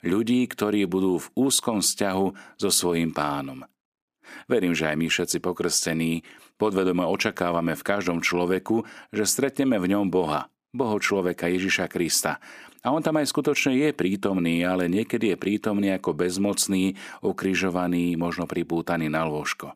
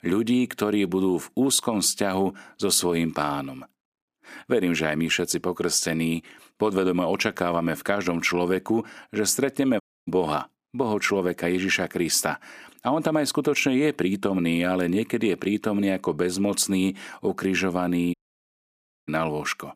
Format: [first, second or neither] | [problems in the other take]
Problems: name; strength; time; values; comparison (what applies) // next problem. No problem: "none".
first | audio cutting out; at 10 s and at 18 s for 1 s